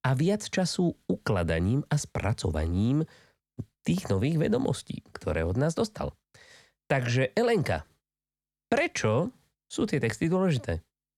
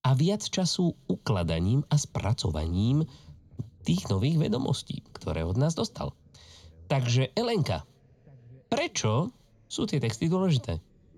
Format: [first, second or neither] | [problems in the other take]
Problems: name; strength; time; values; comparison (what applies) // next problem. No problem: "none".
first | room echo; slight; dies away in 3 s